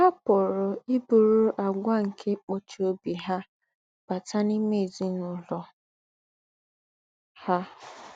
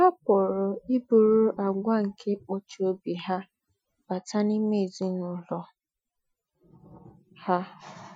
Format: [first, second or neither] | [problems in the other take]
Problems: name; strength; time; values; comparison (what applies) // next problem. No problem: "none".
first | noise reduction (classical method Wiener filter)